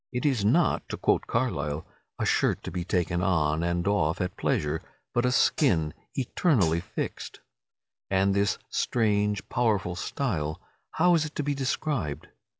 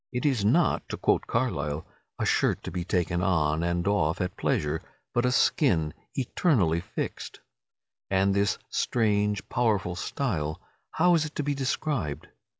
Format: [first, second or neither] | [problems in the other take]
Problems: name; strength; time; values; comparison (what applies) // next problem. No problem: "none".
second | background sound (Hi-hat); 13 dB below the speech